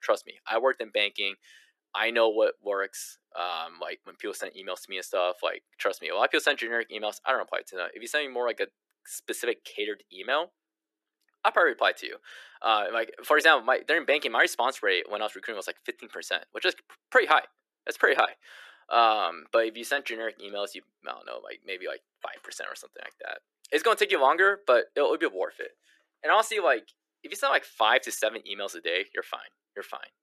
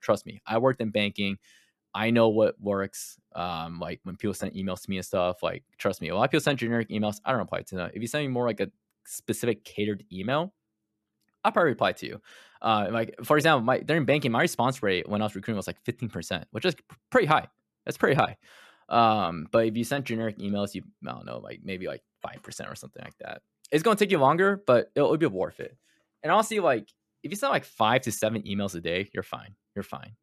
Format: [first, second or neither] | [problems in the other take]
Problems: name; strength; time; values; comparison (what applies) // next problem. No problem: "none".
second | thin; very; fading below 350 Hz